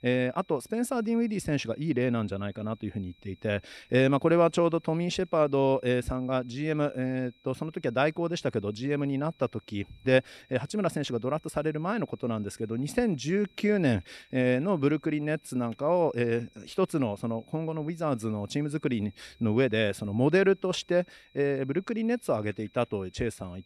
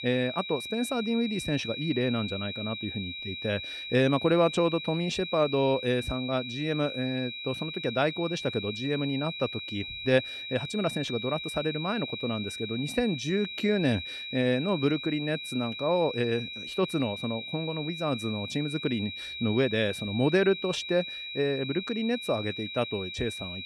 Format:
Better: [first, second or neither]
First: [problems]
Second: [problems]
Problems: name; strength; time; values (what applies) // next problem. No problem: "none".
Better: first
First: high-pitched whine; faint; throughout; 4 kHz, 35 dB below the speech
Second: high-pitched whine; loud; throughout; 4 kHz, 6 dB below the speech